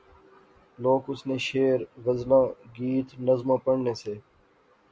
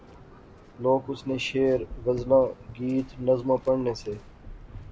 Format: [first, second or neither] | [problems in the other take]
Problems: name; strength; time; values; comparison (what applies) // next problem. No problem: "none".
first | background sound (Waves, surf); 18 dB below the speech